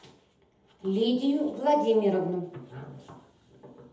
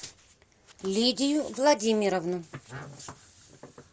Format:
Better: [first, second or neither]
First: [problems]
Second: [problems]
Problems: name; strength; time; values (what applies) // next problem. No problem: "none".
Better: second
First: room echo; dies away in 0.7 s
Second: none